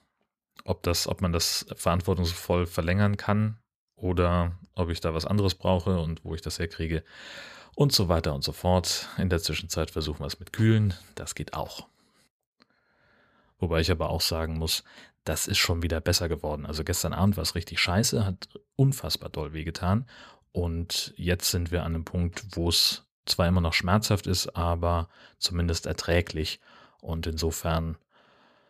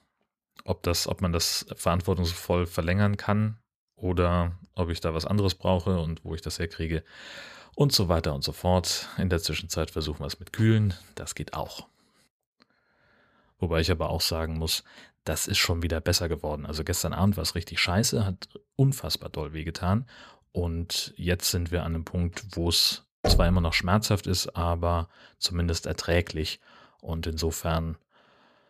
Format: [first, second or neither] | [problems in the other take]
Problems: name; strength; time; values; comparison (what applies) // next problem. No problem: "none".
first | door banging; loud; at 23 s; peak 1 dB above the speech